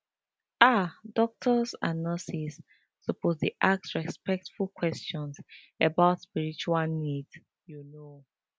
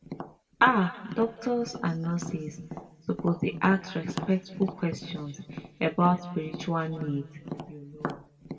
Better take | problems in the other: first | background sound (Tap); 12 dB below the speech // room echo; dies away in 1.3 s

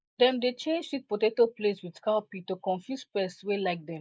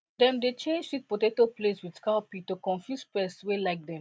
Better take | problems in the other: second | noise reduction (neural mask model Resemble Enhance denoiser)

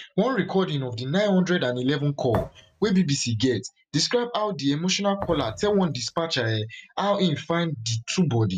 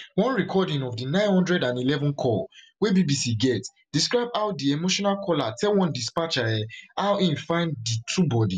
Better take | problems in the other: second | noise reduction (neural mask model RNNoise)

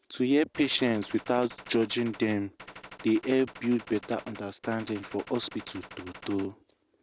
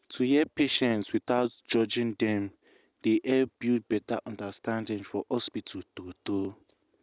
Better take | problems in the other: second | background sound (Gunshot, gunfire); 17 dB below the speech

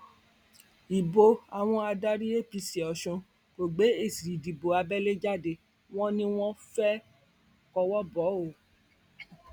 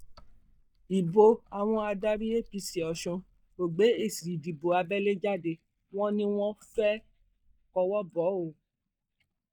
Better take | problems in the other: first | noise reduction (neural mask model DeepFilterNet 3)

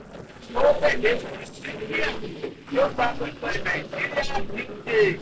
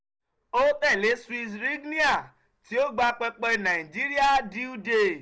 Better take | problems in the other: second | noise reduction (neural separator model SepFormer DNS4)

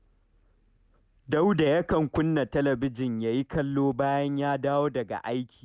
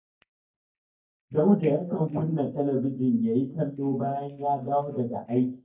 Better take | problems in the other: first | noise reduction (neural mask model DeepFilterNet 3)

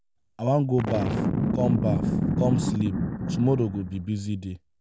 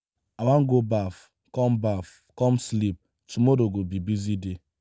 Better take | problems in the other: second | background sound (Boom); 1 dB below the speech

